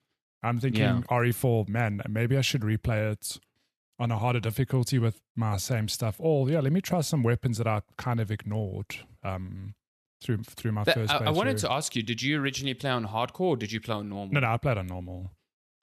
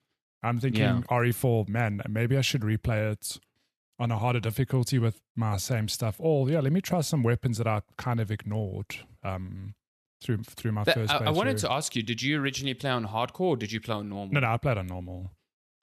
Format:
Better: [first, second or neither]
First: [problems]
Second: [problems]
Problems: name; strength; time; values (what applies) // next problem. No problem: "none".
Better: neither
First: none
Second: none